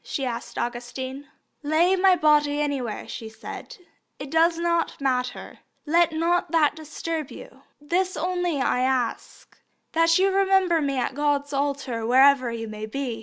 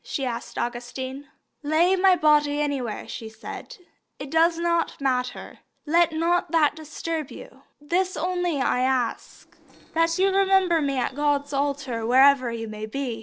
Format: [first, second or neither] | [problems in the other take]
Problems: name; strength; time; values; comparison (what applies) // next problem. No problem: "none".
first | noise reduction (neural separator model SepFormer DNS4)